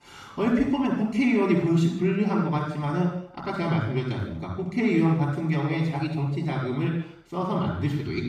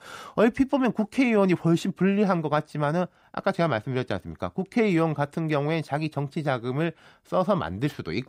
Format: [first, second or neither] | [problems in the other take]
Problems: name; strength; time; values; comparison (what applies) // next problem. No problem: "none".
second | room echo; noticeable; dies away in 0.7 s // off-mic speech; far